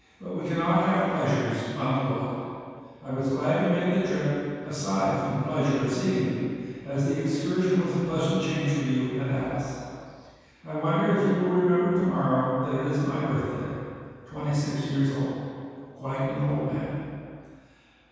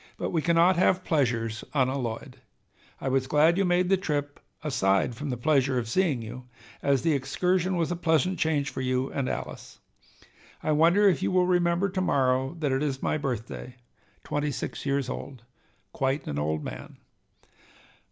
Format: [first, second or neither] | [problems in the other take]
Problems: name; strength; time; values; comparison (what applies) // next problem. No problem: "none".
second | room echo; dies away in 2.1 s